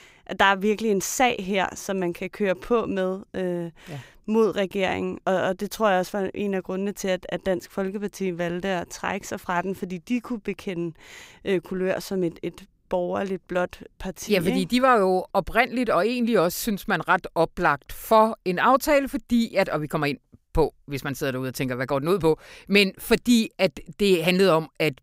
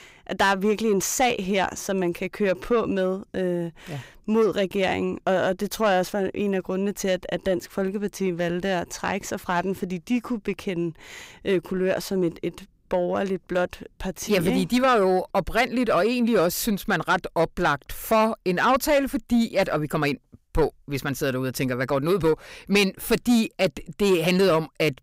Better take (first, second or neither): first